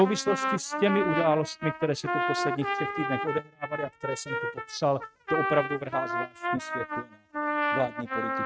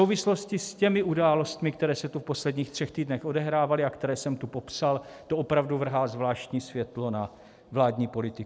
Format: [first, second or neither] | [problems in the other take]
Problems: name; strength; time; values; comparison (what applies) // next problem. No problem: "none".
second | noise reduction (neural mask model RNNoise)